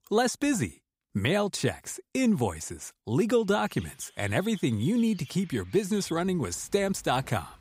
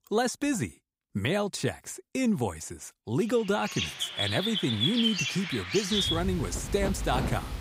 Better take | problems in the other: first | animal sounds; loud; from 3.5 s on; as loud as the speech; faint in the first

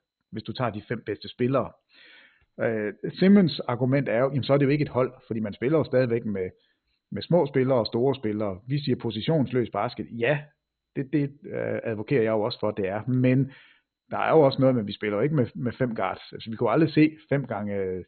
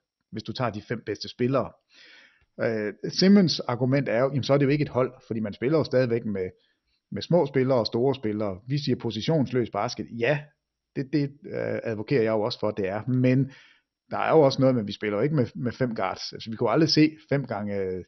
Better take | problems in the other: second | garbled, watery; badly; nothing above 4 kHz; slightly in the second

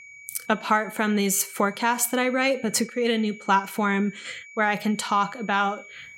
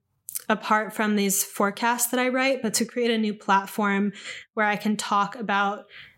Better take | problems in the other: second | high-pitched whine; noticeable; throughout; 2.5 kHz, 20 dB below the speech

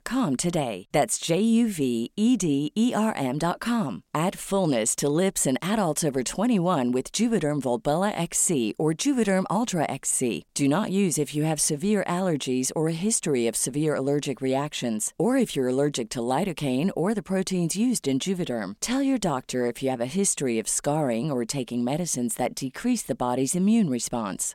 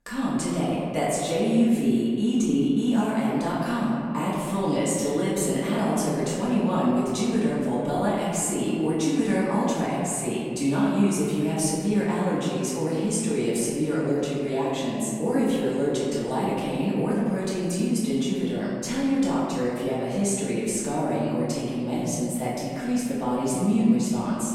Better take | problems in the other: first | room echo; noticeable; dies away in 2.1 s // off-mic speech; far

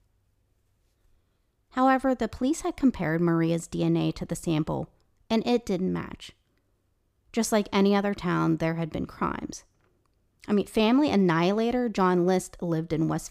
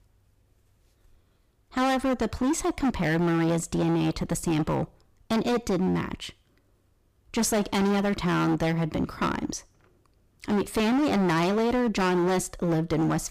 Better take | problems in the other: first | distortion; heavy; 19% of the sound clipped

